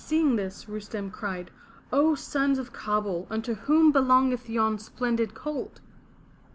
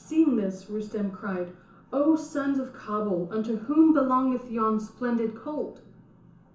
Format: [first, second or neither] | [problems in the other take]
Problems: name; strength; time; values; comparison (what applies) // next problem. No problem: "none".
first | room echo; dies away in 0.7 s